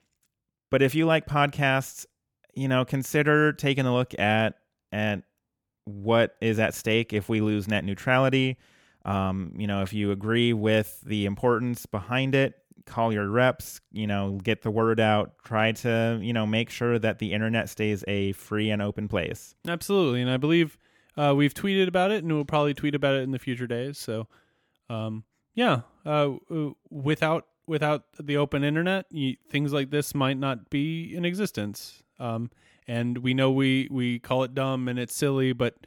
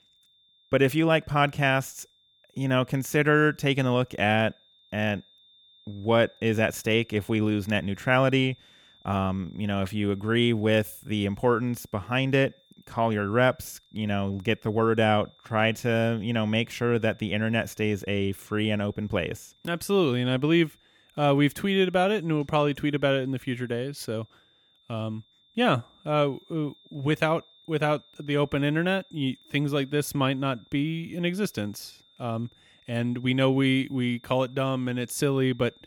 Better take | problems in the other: first | high-pitched whine; faint; throughout; 3.5 kHz, 30 dB below the speech

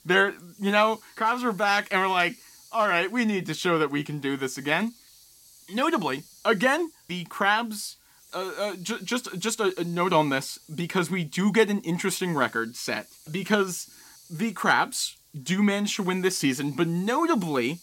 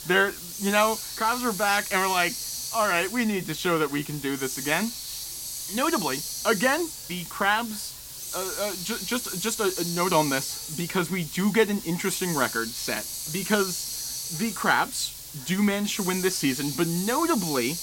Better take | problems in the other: first | hiss; loud; throughout; 6 dB below the speech; faint in the first

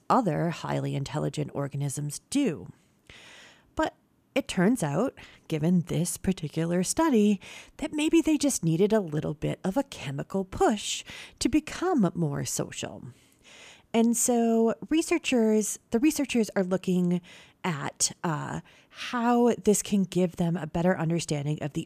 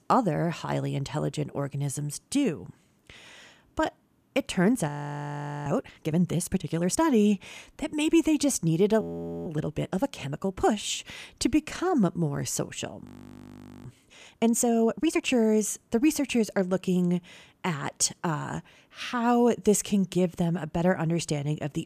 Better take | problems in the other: first | audio freezing; at 5 s for 1 s, at 9 s and at 13 s for 1 s

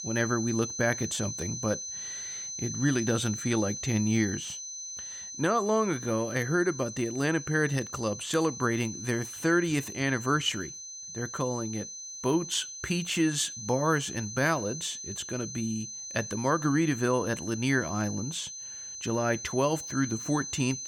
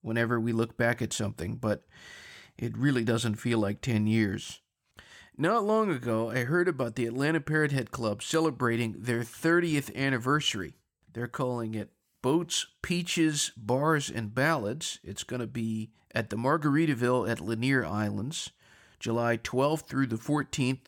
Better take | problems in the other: second | high-pitched whine; loud; throughout; 6 kHz, 8 dB below the speech

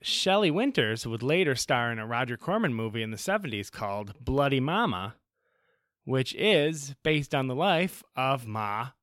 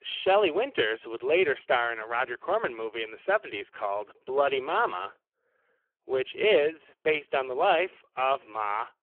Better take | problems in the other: first | phone-call audio; poor line; nothing above 3 kHz

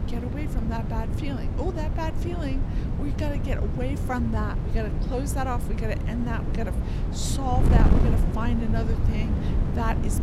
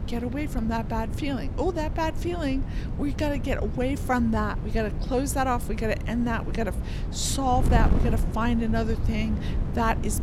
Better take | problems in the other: second | wind noise on the microphone; heavy; 4 dB below the speech; occasional gusts in the second

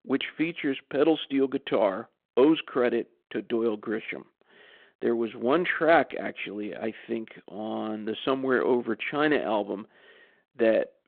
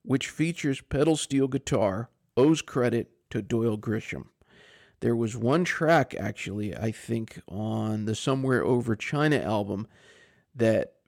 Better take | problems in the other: second | phone-call audio

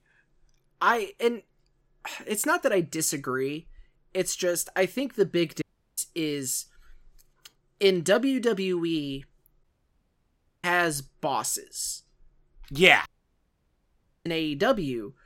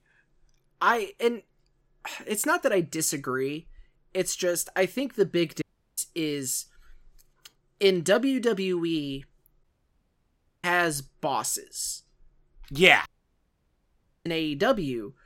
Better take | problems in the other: neither | audio cutting out; at 5.5 s, at 9.5 s for 1 s and at 13 s for 1 s; the same in both

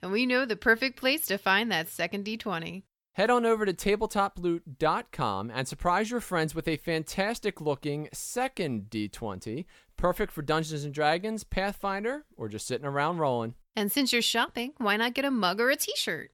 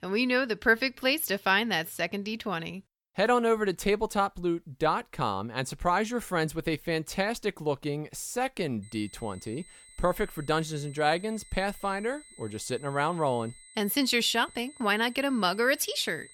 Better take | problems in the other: first | high-pitched whine; faint; from 9 s on; 8 kHz, 20 dB below the speech

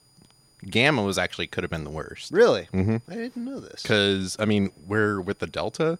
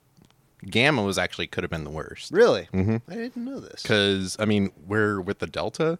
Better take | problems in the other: second | high-pitched whine; faint; throughout; 5 kHz, 35 dB below the speech

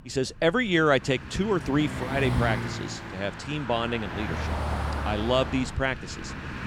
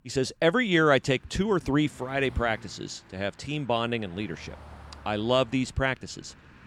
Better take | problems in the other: second | traffic noise; loud; throughout; 6 dB below the speech; faint in the second

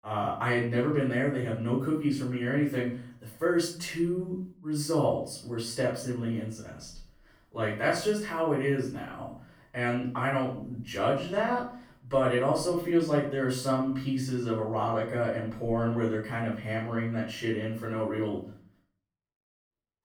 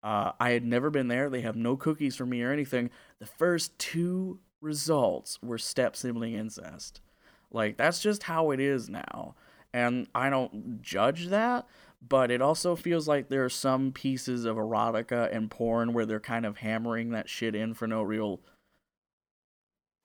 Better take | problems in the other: second | off-mic speech; far // room echo; noticeable; dies away in 0.4 s

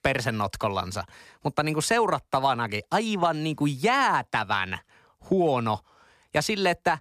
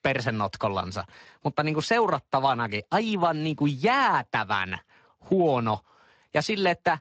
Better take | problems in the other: first | garbled, watery; slightly; nothing above 7.5 kHz

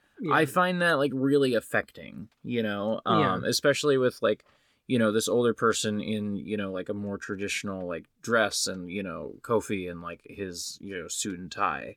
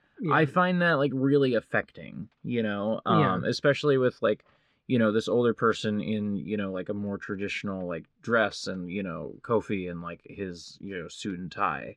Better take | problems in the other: first | muffled; slightly; fading above 3.5 kHz

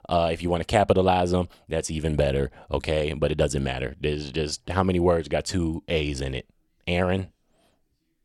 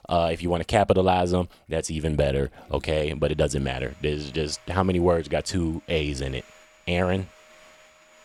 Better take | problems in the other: first | household noises; faint; throughout; 30 dB below the speech

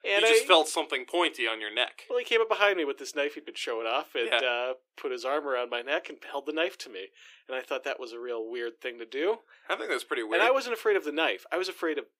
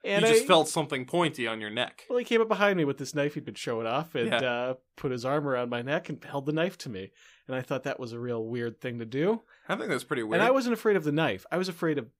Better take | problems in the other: second | thin; very; fading below 350 Hz

